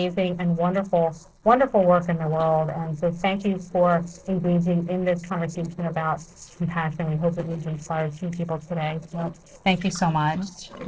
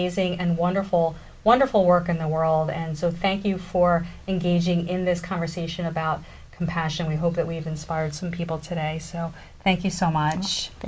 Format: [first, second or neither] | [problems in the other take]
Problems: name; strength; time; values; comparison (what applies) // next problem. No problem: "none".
second | noise reduction (neural separator model SepFormer DNS4)